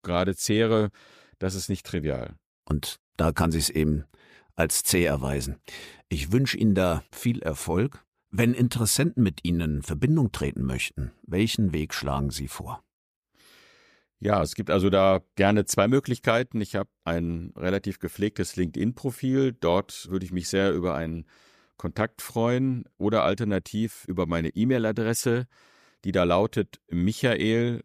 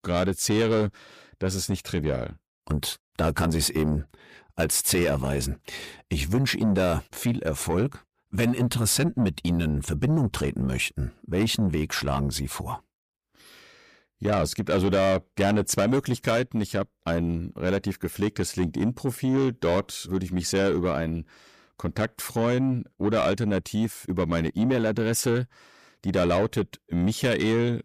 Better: first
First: none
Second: distortion; slight; 10 dB below the speech

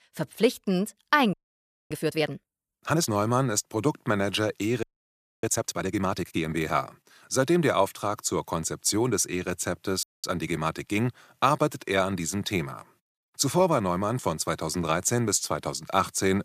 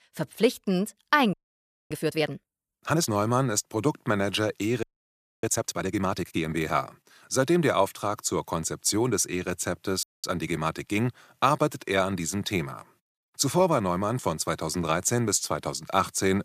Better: neither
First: audio freezing; at 1.5 s for 0.5 s, at 5 s for 0.5 s and at 10 s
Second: audio freezing; at 1.5 s for 0.5 s, at 5 s for 0.5 s and at 10 s

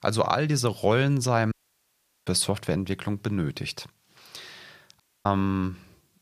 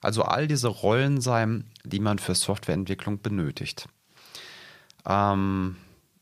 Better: second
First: audio cutting out; at 1.5 s for 0.5 s and at 5 s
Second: none

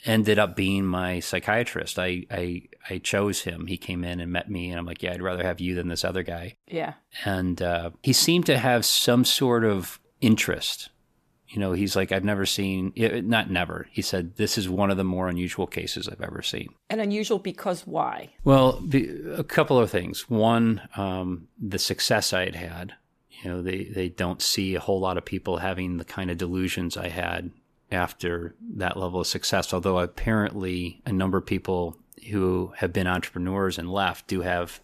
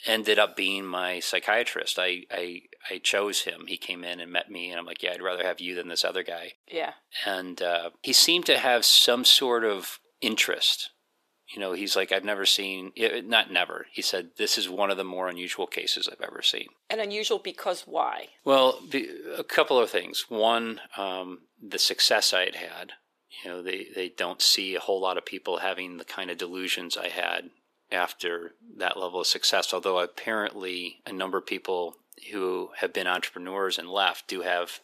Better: first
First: none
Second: thin; somewhat; fading below 400 Hz

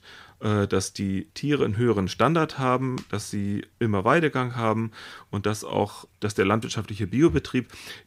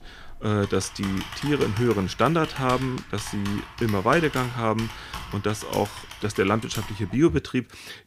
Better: first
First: none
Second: keyboard typing; noticeable; until 7 s; peak 8 dB below the speech

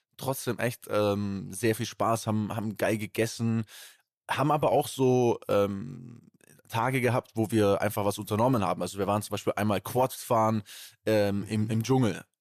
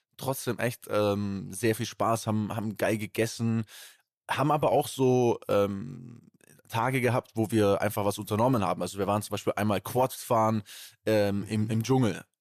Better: neither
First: none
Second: none

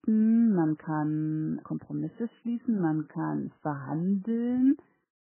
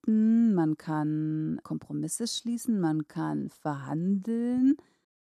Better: second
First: garbled, watery; badly; nothing above 8 kHz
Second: none

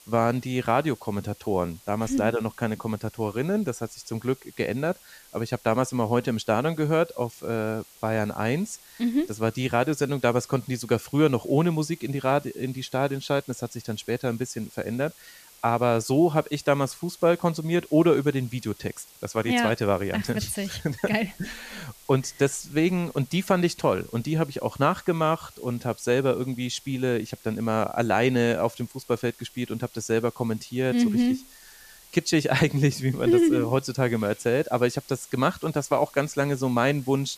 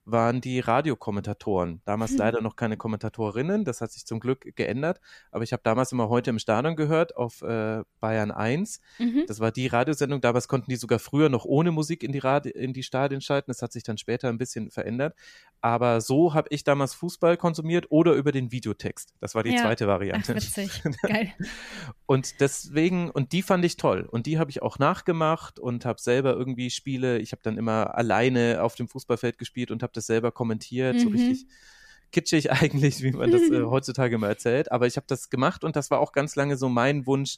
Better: second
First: hiss; faint; throughout; 25 dB below the speech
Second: none

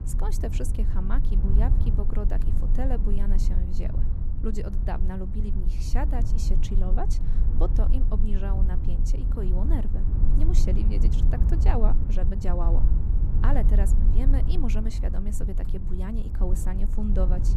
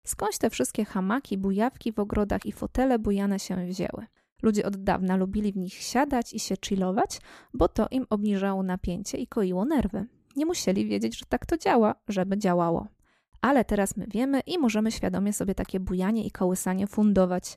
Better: second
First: low rumble; loud; throughout; 5 dB below the speech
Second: none

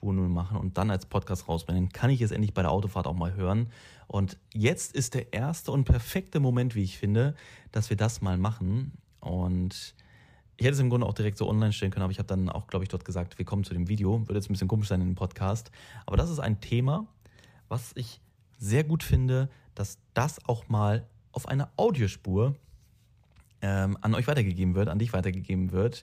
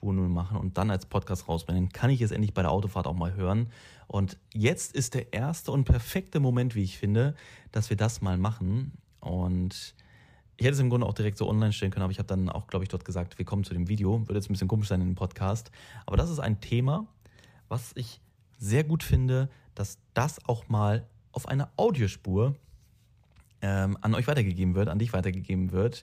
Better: neither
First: none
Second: none

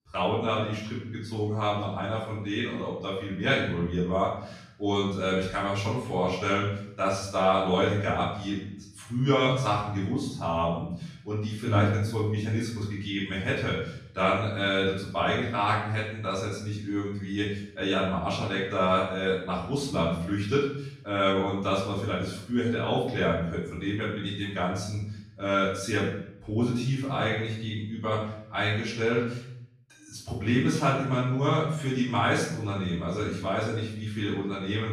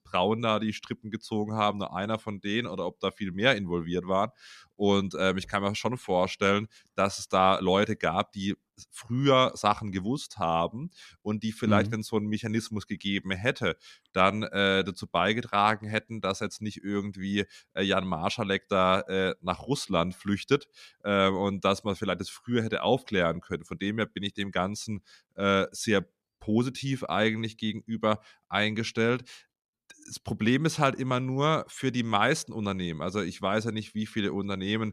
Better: second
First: off-mic speech; far // room echo; noticeable; dies away in 0.7 s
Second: none

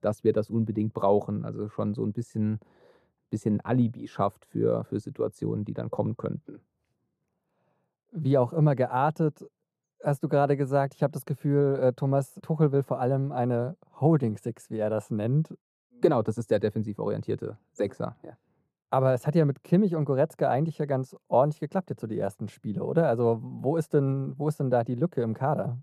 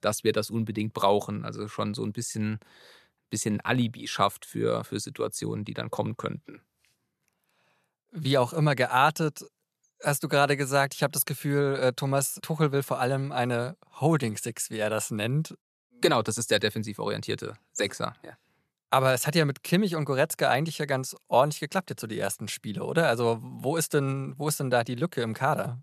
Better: second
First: muffled; very; fading above 1.5 kHz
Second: none

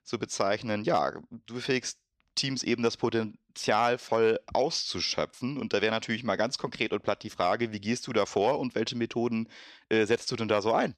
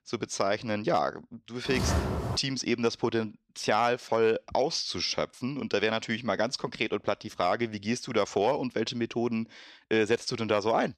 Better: first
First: none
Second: footsteps; loud; at 1.5 s; peak level with the speech

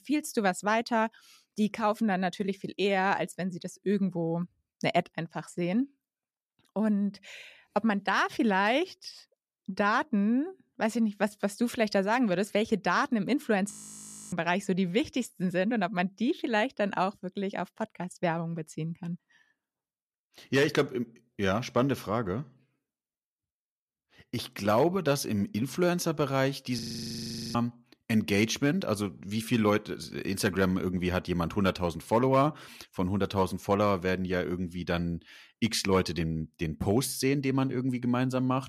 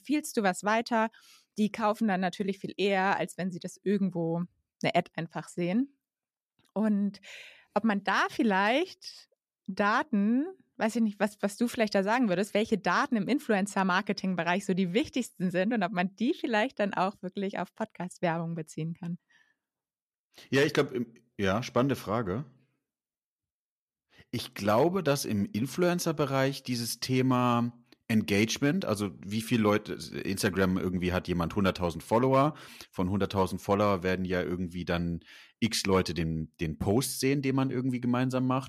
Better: second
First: audio freezing; at 14 s for 0.5 s and at 27 s for 1 s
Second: none

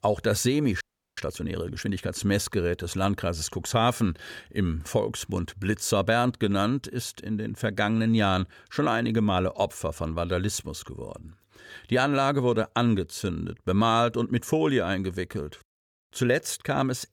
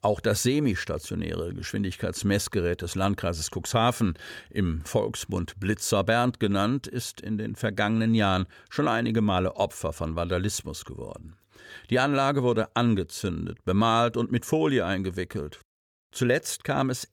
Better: second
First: audio freezing; at 1 s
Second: none

